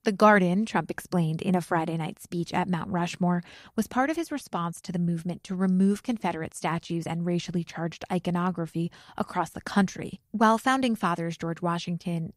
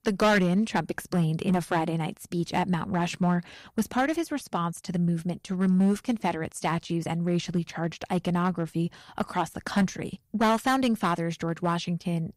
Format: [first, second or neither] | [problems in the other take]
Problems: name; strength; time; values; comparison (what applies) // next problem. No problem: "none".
first | distortion; slight; 4% of the sound clipped